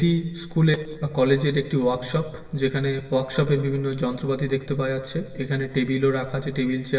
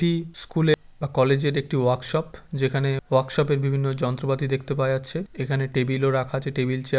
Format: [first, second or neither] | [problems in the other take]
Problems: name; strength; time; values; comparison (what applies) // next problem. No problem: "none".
second | room echo; dies away in 1.7 s